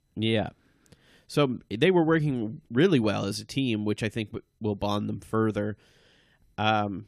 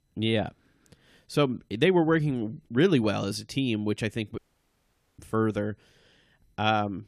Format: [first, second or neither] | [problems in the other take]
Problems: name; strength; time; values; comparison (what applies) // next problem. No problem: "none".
first | audio cutting out; at 4.5 s for 1 s